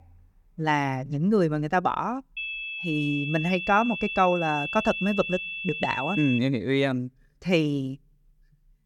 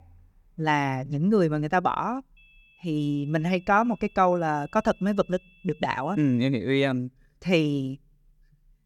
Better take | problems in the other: second | high-pitched whine; loud; from 2.5 to 6.5 s; 2.5 kHz, 5 dB below the speech; faint in the second

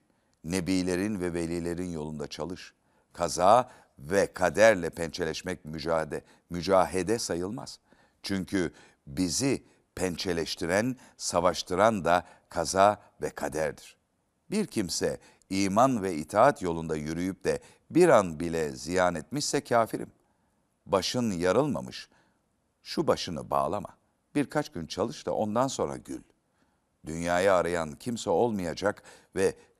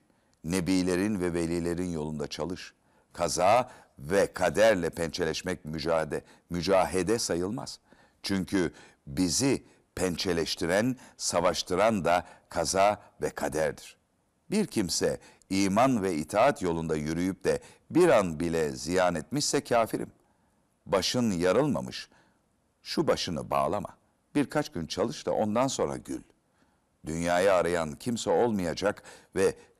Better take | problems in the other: first | distortion; slight; 10 dB below the speech

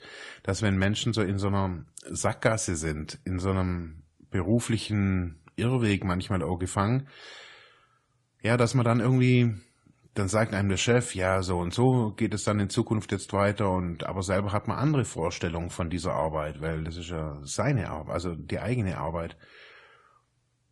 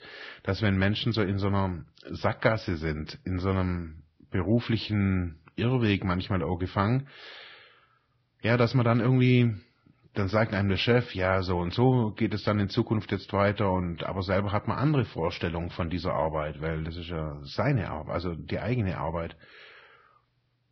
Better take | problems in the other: first | garbled, watery; badly; nothing above 5.5 kHz; slightly in the first

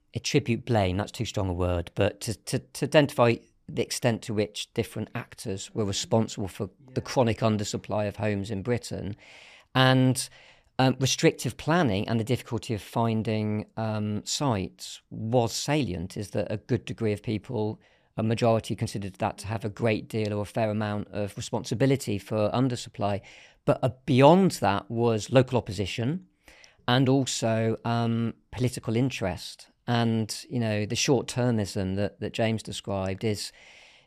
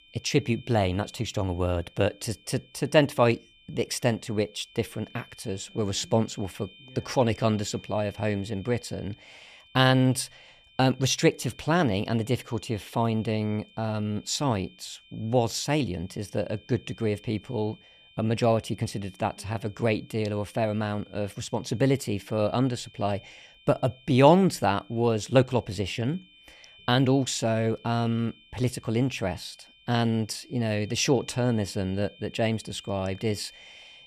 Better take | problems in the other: first | high-pitched whine; faint; throughout; 3 kHz, 25 dB below the speech

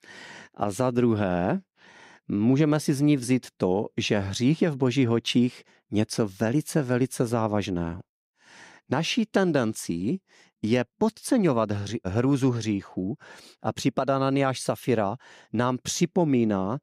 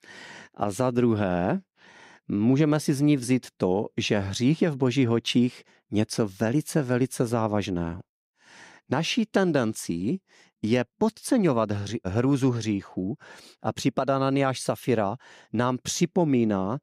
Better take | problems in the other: neither | none

